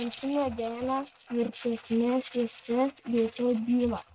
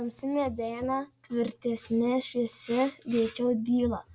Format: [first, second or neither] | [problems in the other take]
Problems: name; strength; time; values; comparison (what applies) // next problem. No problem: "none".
second | noise reduction (neural mask model RNNoise)